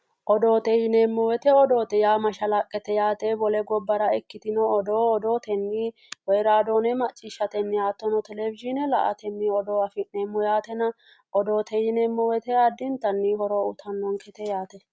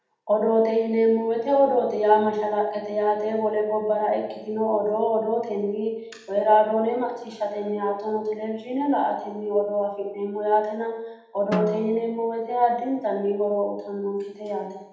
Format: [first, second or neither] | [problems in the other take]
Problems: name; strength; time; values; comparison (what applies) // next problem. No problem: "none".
first | background sound (Drum); 10 dB below the speech // room echo; dies away in 0.8 s